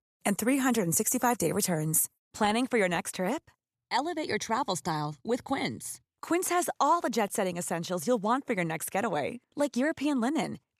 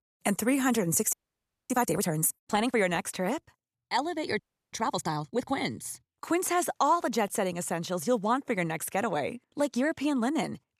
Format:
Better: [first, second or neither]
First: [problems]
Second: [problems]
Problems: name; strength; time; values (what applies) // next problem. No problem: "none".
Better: first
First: none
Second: audio freezing; at 1 s for 0.5 s and at 4.5 s